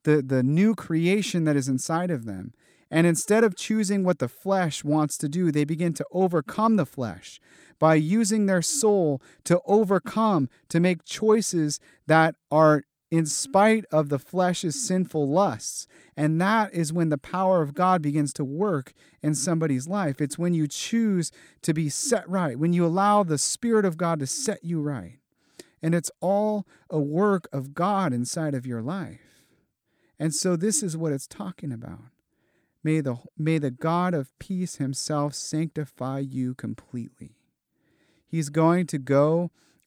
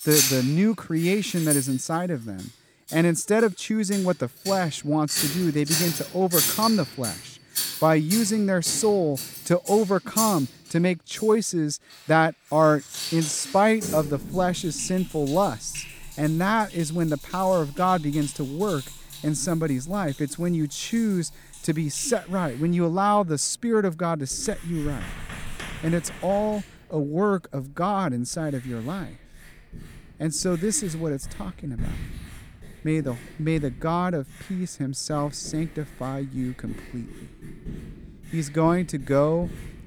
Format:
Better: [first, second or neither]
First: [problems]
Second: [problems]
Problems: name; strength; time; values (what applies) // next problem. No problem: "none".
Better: first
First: none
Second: household noises; loud; throughout; 6 dB below the speech